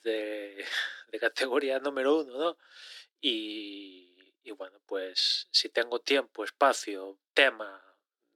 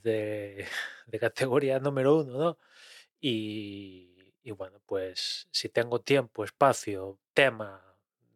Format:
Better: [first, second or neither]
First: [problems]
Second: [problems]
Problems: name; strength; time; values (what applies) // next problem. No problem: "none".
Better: second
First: thin; very slightly; fading below 300 Hz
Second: none